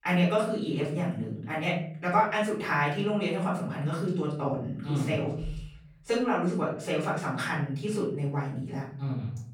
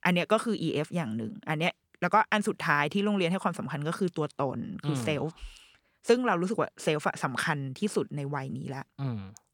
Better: second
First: off-mic speech; far // room echo; noticeable; dies away in 0.9 s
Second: none

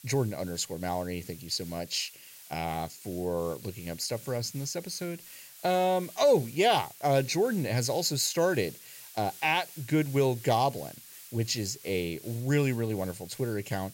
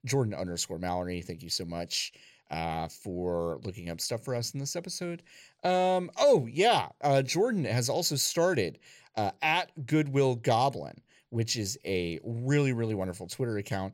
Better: second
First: hiss; noticeable; throughout; 15 dB below the speech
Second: none

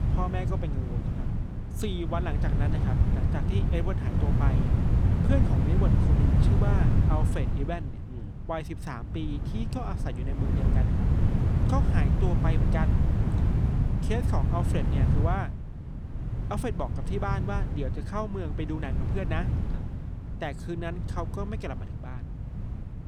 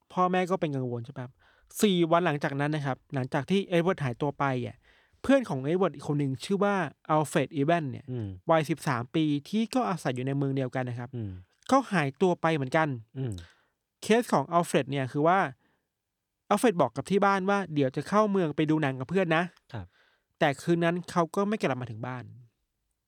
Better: second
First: wind noise on the microphone; heavy; 2 dB below the speech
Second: none

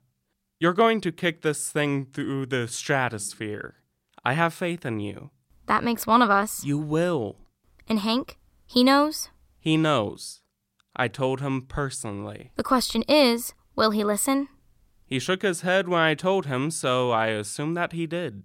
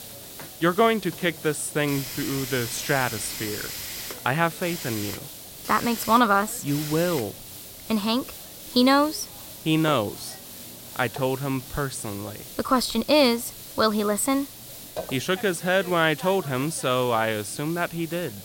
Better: first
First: none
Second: hiss; noticeable; throughout; 10 dB below the speech

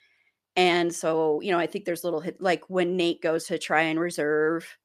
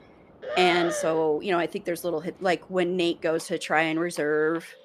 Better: first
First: none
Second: animal sounds; loud; throughout; 8 dB below the speech

